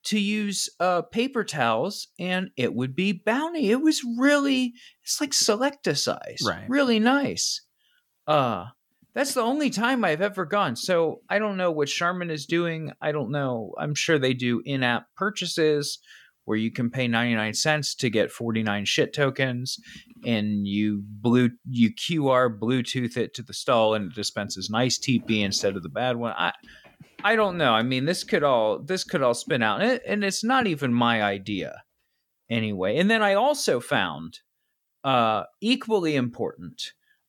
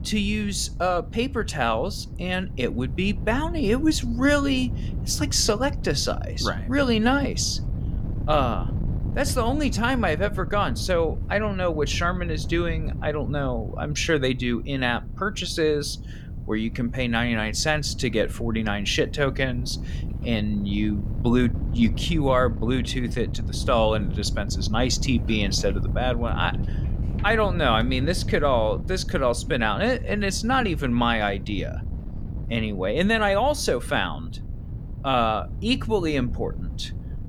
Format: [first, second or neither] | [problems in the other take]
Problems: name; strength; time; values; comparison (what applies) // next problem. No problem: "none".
first | wind noise on the microphone; occasional gusts; 20 dB below the speech